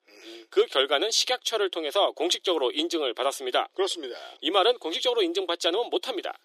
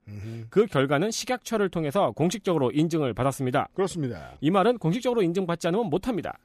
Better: second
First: thin; very; fading below 350 Hz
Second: none

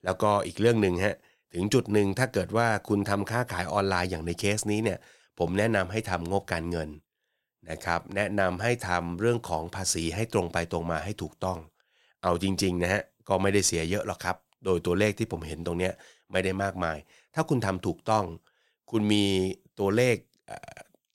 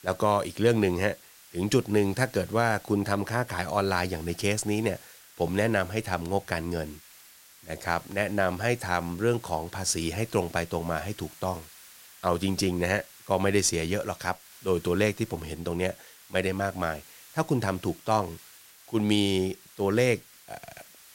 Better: first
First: none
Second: hiss; faint; throughout; 20 dB below the speech

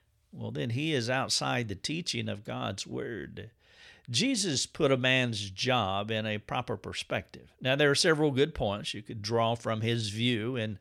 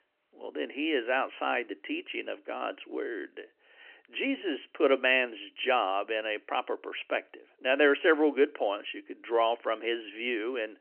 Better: first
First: none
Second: phone-call audio; nothing above 3 kHz

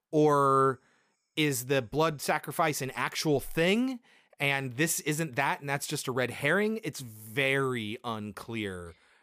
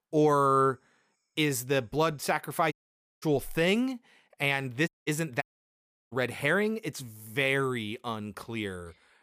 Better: first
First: none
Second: audio cutting out; at 2.5 s for 0.5 s, at 5 s and at 5.5 s for 0.5 s

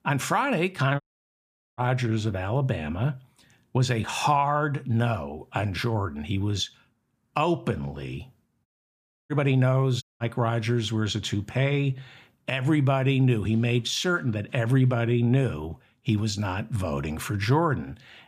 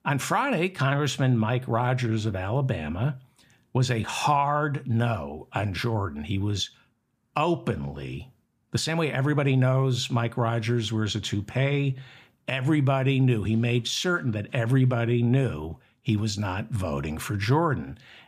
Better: second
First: audio cutting out; at 1 s for 1 s, at 8.5 s for 0.5 s and at 10 s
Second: none

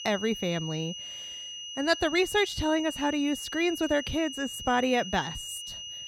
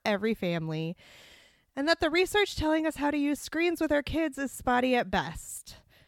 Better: second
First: high-pitched whine; loud; throughout; 3 kHz, 9 dB below the speech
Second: none

